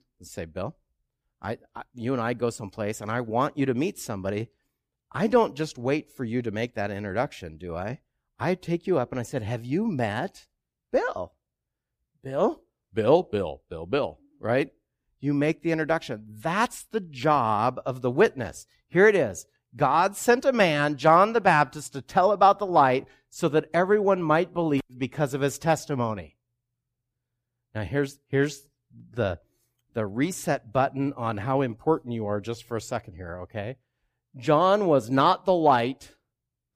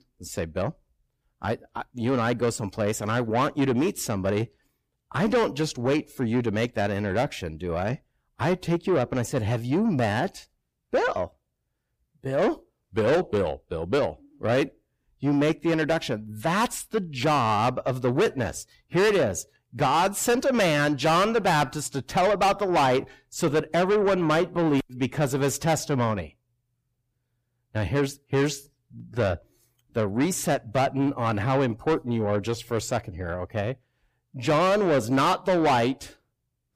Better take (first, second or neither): first